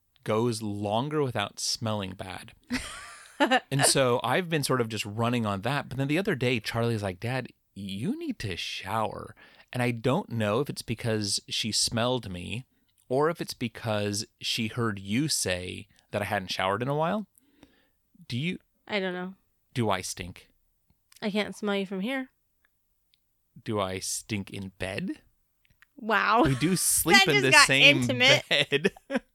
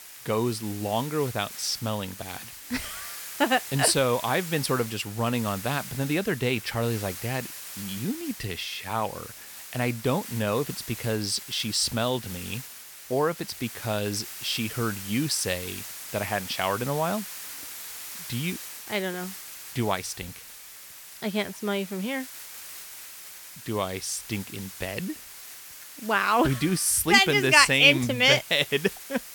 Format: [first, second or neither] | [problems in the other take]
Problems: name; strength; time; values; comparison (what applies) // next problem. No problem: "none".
first | hiss; noticeable; throughout; 10 dB below the speech